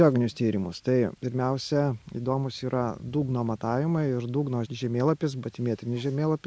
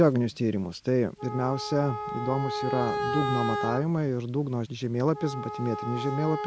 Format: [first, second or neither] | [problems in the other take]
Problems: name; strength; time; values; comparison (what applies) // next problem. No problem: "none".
first | background sound (Wind instrument, woodwind instrument); 6 dB below the speech